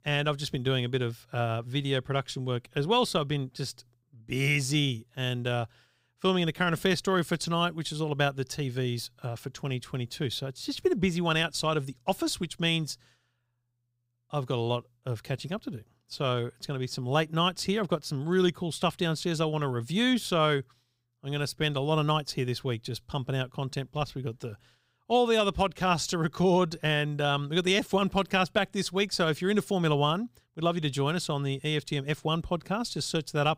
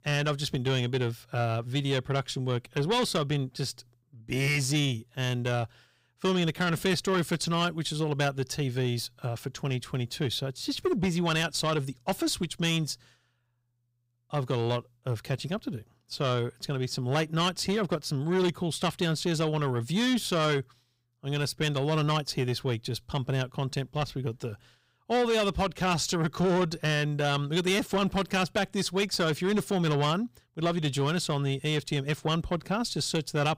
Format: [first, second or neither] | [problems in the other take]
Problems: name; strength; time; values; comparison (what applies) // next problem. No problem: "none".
first | distortion; slight; 10 dB below the speech